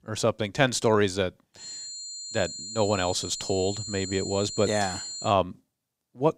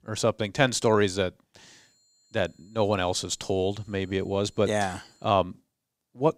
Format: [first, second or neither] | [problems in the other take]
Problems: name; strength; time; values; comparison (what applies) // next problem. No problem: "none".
second | high-pitched whine; loud; from 1.5 to 5.5 s; 4 kHz, 8 dB below the speech; faint in the second